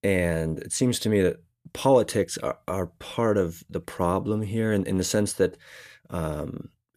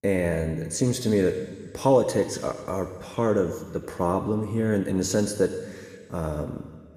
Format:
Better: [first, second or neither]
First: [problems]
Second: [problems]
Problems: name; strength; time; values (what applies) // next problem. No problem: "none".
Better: first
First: none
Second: room echo; slight; dies away in 1.7 s